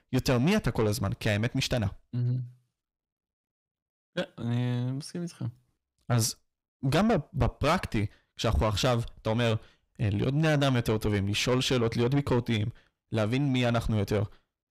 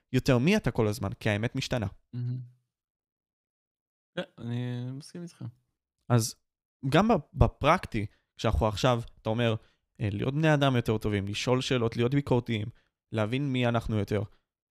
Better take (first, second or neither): second